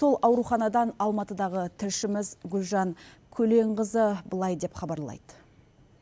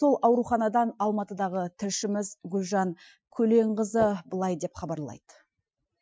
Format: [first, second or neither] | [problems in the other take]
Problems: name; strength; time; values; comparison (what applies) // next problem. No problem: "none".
first | noise reduction (classical method Wiener filter)